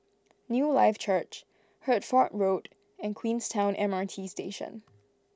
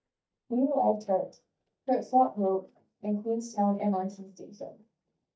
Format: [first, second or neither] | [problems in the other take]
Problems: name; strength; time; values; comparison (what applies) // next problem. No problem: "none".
first | noise reduction (neural mask model DeepFilterNet 3)